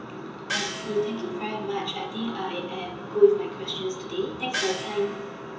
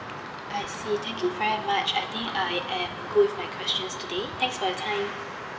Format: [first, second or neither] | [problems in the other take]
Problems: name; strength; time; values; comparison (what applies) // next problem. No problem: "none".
second | background sound (Gong); 6 dB below the speech // room echo; dies away in 0.6 s